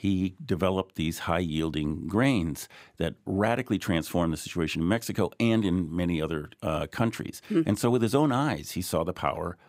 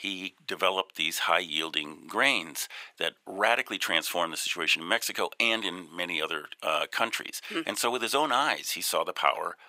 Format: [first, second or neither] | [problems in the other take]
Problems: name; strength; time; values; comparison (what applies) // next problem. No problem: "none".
first | thin; very; fading below 750 Hz